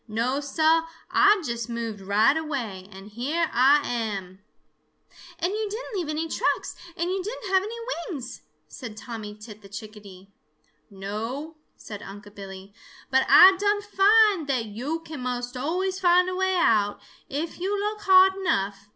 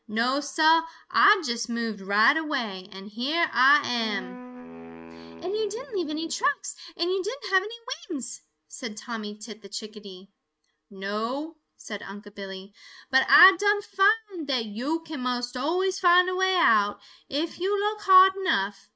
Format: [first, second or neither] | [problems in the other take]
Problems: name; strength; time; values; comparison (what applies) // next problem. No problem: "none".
first | noise reduction (neural mask model RNNoise)